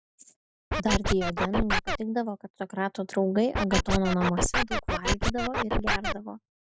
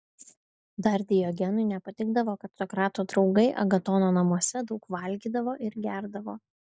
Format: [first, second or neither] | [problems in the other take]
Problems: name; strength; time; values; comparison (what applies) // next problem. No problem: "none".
second | background sound (Scratching (performance technique)); 2 dB above the speech